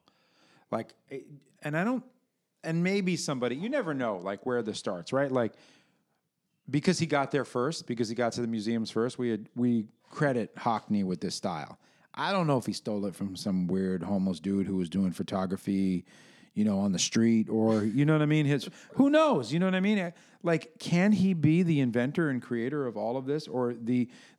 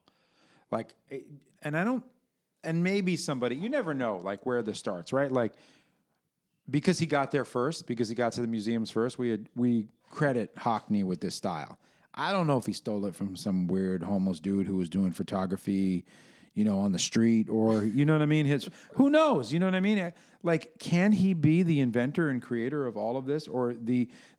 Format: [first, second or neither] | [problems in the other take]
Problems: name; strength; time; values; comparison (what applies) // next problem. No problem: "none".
first | garbled, watery; slightly